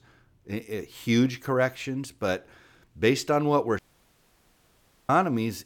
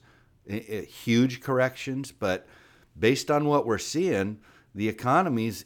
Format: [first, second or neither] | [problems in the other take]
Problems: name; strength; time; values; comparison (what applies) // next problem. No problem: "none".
second | audio cutting out; at 4 s for 1.5 s